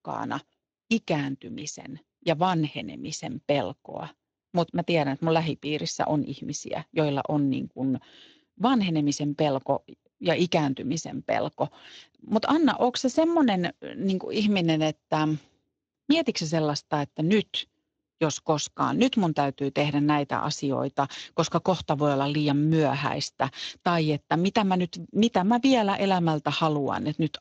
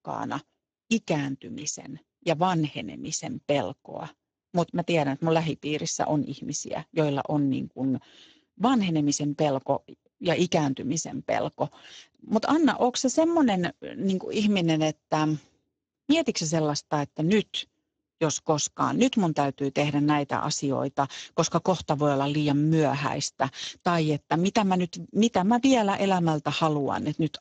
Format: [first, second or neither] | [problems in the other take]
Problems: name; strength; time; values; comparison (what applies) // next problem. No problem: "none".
first | garbled, watery; badly; slightly in the first